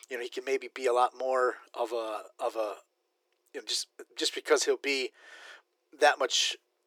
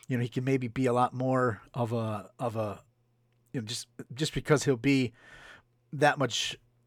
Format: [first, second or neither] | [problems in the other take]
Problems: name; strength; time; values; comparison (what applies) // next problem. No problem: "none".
second | thin; very; fading below 350 Hz